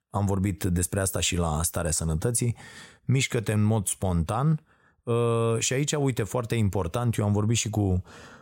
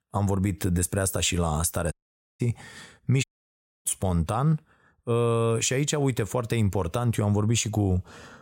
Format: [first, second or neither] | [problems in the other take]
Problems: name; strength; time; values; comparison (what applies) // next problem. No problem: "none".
first | audio cutting out; at 2 s and at 3 s for 0.5 s